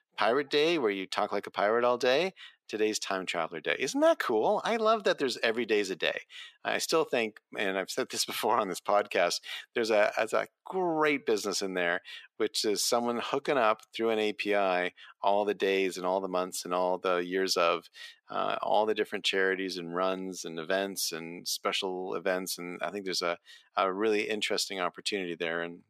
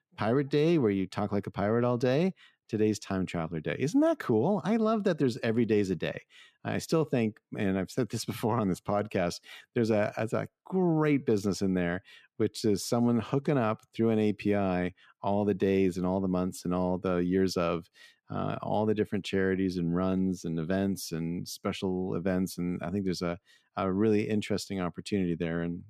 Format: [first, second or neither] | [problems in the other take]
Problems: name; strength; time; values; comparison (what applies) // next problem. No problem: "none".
second | thin; very; fading below 600 Hz